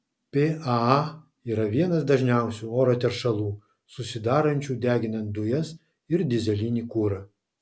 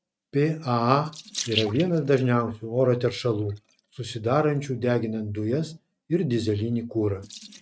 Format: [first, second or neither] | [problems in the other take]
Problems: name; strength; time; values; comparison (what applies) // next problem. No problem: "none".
first | noise reduction (neural mask model RNNoise)